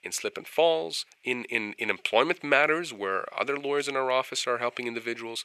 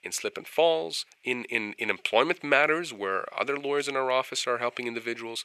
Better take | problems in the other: neither | thin; very; fading below 650 Hz; the same in both

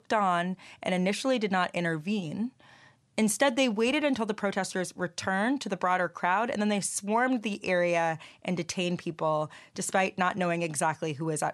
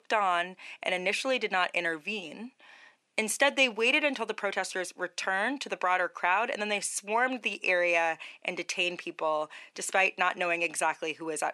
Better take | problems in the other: first | thin; somewhat; fading below 300 Hz

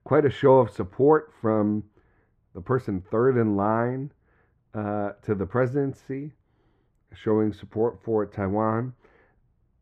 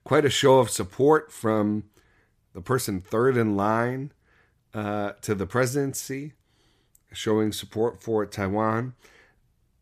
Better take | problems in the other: second | muffled; very; fading above 3 kHz

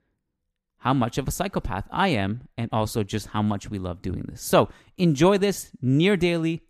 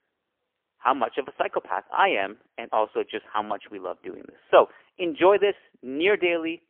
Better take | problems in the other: first | phone-call audio; poor line; nothing above 3.5 kHz

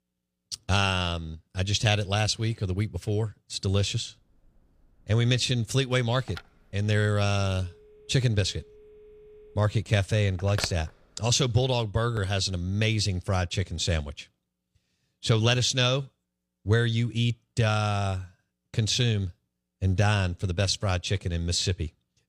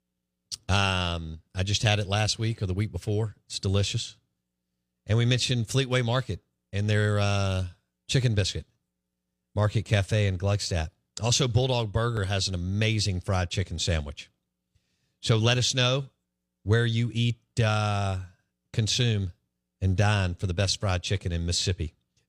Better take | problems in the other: second | phone ringing; noticeable; from 6.5 to 11 s; peak 8 dB below the speech

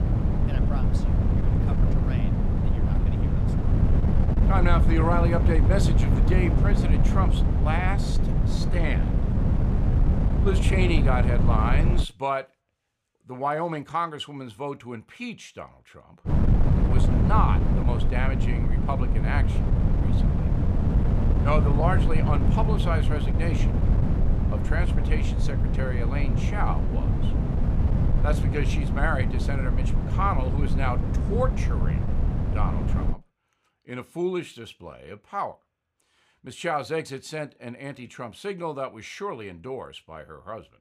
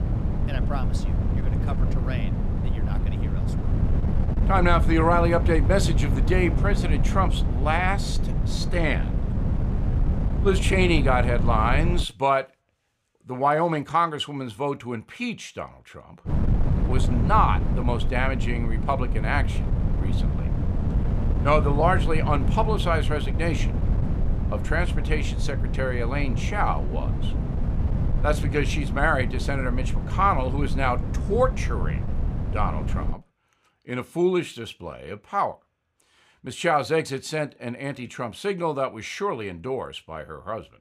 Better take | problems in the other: second | wind noise on the microphone; heavy; until 12 s and from 16 to 33 s; 4 dB below the speech; occasional gusts in the second

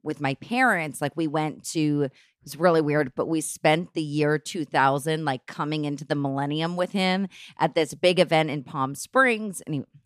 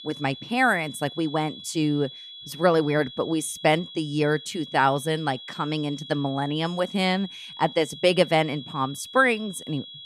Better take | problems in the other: first | high-pitched whine; noticeable; throughout; 3.5 kHz, 15 dB below the speech

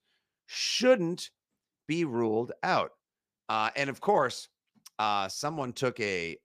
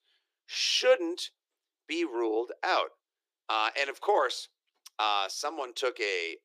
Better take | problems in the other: first | thin; very; fading below 350 Hz

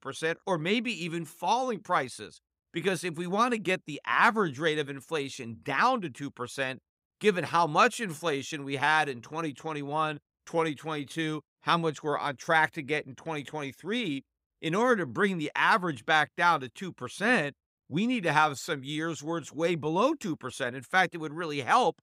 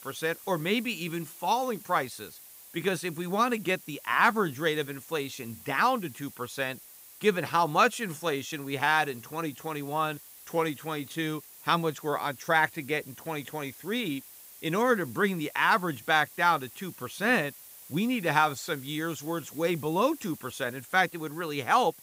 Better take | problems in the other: first | hiss; noticeable; throughout; 20 dB below the speech

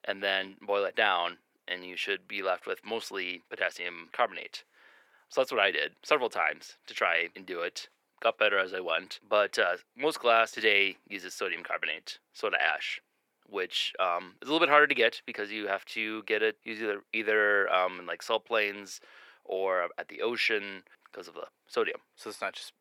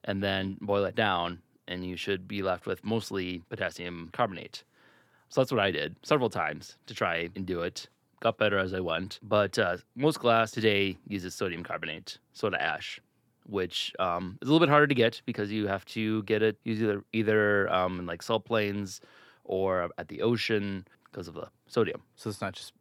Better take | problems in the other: second | thin; very; fading below 500 Hz

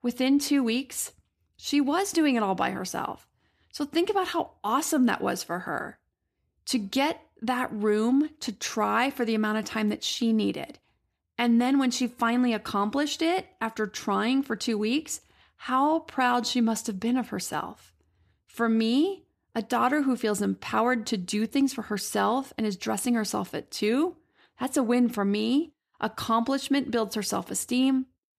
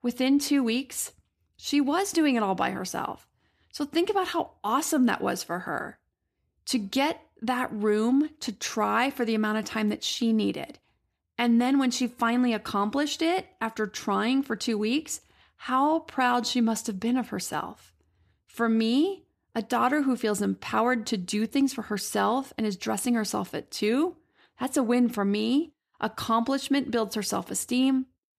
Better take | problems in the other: neither | none

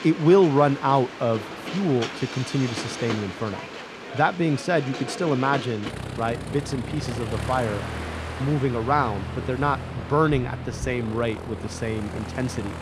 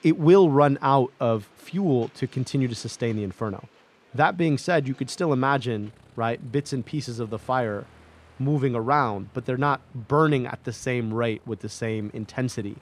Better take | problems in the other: second | train or aircraft noise; loud; throughout; 9 dB below the speech; faint in the second

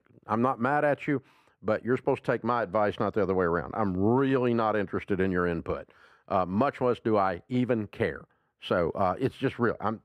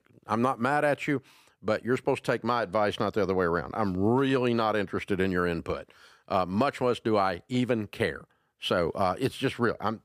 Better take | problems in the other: second | muffled; slightly; fading above 3 kHz

